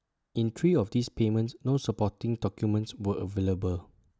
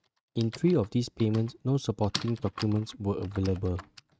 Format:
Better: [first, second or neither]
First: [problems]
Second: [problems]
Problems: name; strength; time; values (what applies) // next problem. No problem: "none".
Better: first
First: none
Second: noise reduction (neural mask model RNNoise)